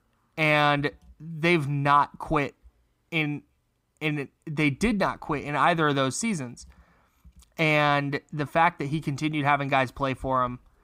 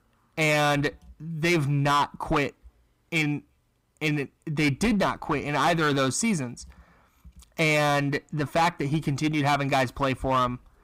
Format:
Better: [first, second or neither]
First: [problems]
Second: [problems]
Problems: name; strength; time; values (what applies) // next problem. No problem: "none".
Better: first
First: none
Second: distortion; heavy; 9% of the sound clipped